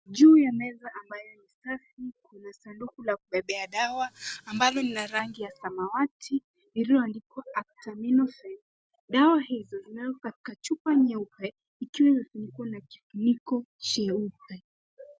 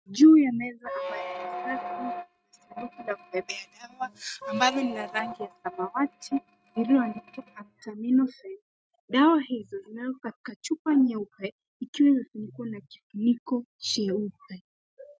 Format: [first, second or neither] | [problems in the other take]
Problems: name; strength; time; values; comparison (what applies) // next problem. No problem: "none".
first | noise reduction (neural mask model RNNoise)